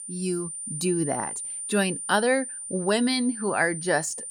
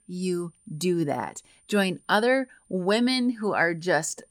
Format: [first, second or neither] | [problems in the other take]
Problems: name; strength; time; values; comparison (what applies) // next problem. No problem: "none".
second | high-pitched whine; loud; throughout; 9 kHz, 6 dB below the speech; faint in the second